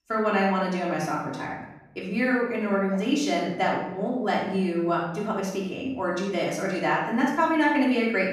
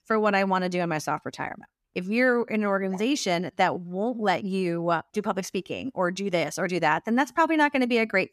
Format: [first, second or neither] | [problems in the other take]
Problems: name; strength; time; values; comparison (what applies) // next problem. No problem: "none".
second | off-mic speech; far // room echo; noticeable; dies away in 0.8 s